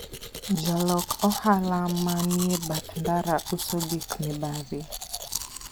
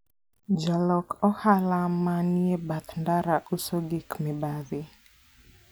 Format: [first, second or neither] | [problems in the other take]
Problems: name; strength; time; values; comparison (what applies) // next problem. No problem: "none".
second | background sound (Domestic sounds, home sounds); 8 dB below the speech